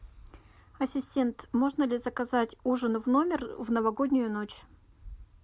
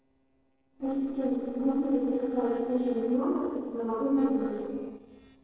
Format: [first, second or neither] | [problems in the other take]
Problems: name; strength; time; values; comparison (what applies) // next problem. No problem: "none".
first | noise reduction (neural separator model SepFormer DNS4)